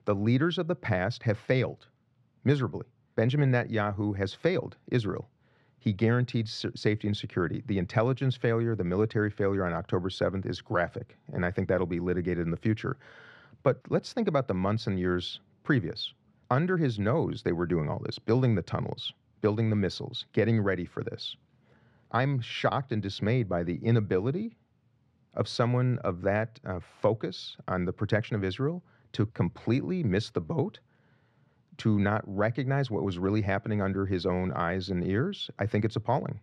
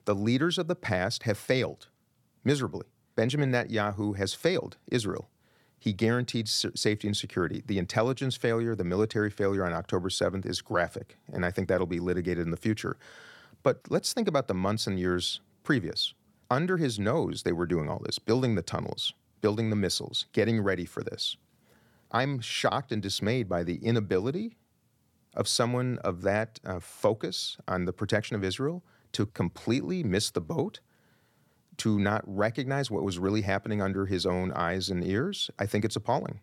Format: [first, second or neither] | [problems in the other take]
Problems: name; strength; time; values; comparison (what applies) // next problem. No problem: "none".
second | muffled; slightly; fading above 3 kHz